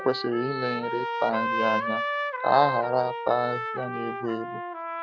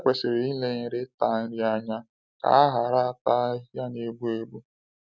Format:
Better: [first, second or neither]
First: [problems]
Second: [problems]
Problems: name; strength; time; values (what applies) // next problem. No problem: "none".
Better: second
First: background sound (Trumpet); 3 dB below the speech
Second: none